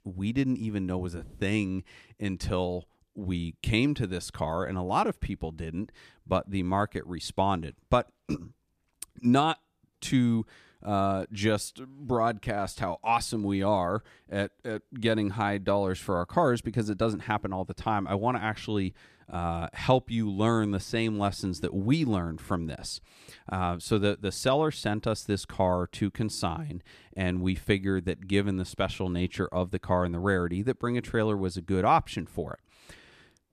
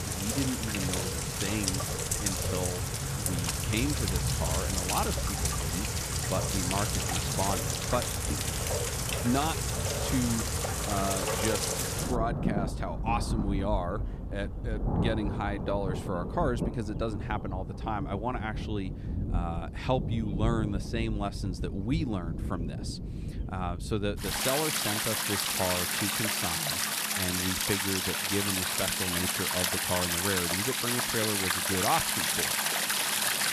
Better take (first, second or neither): first